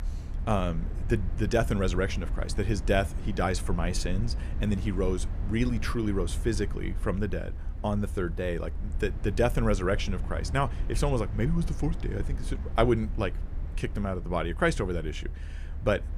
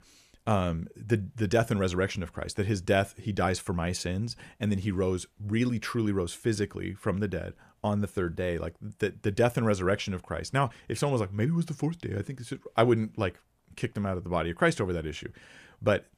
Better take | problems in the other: second | low rumble; noticeable; throughout; 20 dB below the speech

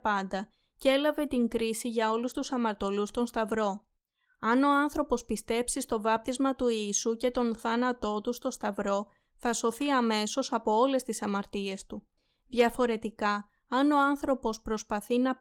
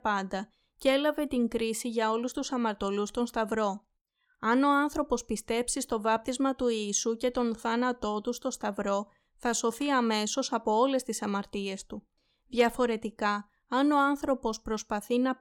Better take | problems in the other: second | garbled, watery; slightly; nothing above 17 kHz

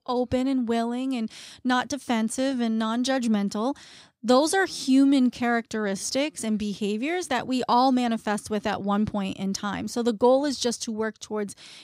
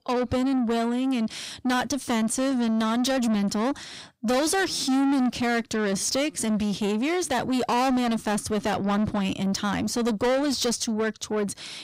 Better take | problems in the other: first | distortion; heavy; 7 dB below the speech

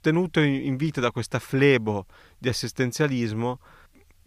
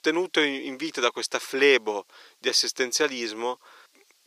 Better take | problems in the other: first | thin; somewhat; fading below 350 Hz

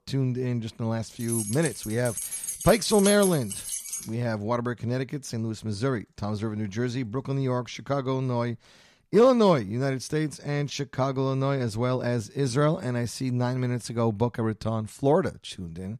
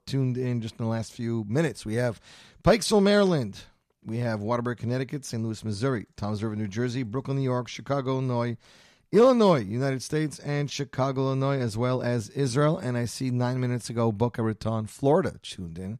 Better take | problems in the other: second | jangling keys; noticeable; from 1 to 4 s; peak 2 dB below the speech

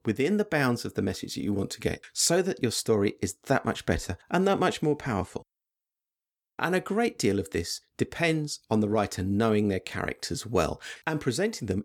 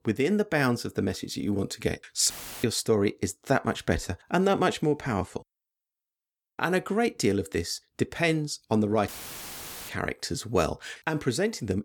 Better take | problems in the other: first | audio cutting out; filled with static; at 2.5 s and at 9 s for 1 s

